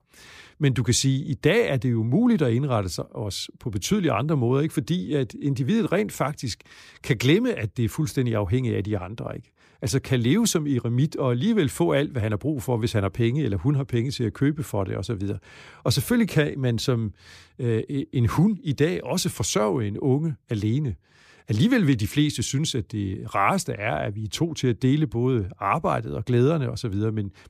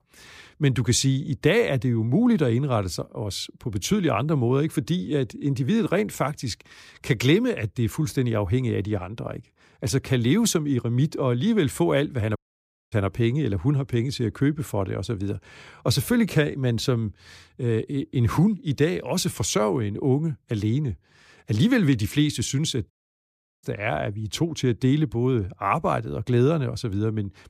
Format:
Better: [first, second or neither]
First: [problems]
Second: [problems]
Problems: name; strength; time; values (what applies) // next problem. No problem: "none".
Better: first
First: none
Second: audio cutting out; at 12 s for 0.5 s and at 23 s for 0.5 s